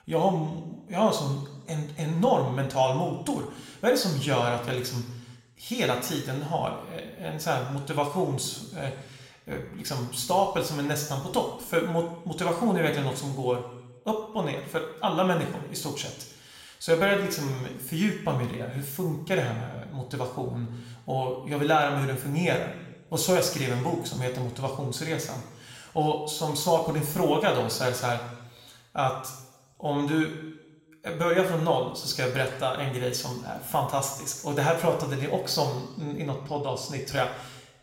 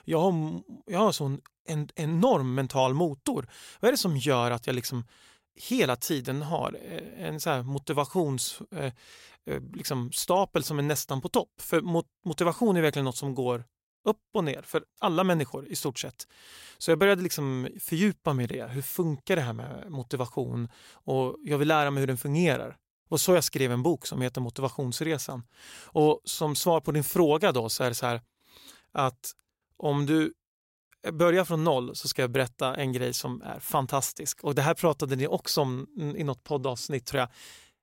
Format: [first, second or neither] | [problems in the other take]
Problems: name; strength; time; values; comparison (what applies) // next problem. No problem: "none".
second | room echo; slight; dies away in 0.9 s